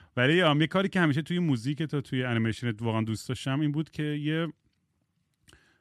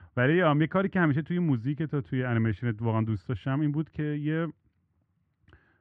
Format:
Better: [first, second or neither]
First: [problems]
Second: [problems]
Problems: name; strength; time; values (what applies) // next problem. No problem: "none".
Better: first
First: none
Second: muffled; very; fading above 1.5 kHz